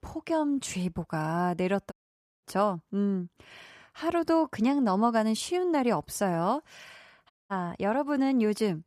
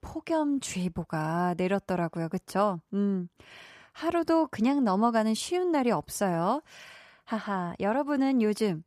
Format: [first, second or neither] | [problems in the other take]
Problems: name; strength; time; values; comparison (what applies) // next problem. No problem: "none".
second | audio cutting out; at 2 s for 0.5 s and at 7.5 s